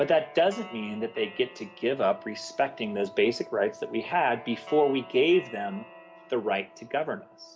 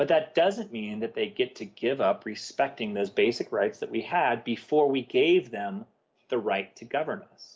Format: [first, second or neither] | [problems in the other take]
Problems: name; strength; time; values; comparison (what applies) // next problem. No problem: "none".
second | background sound (Guitar + Wind instrument, woodwind instrument); 18 dB below the speech